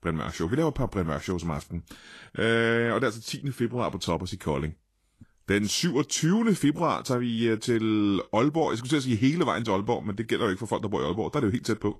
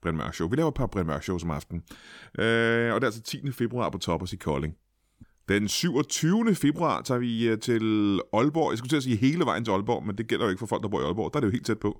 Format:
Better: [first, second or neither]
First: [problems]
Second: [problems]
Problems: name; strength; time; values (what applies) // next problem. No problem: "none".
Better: second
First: garbled, watery; slightly; nothing above 12.5 kHz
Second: none